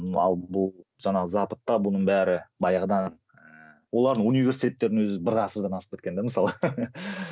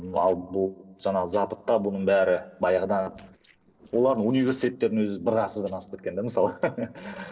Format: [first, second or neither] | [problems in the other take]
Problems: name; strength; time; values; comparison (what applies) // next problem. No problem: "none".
first | noise reduction (neural separator model SepFormer DNS4)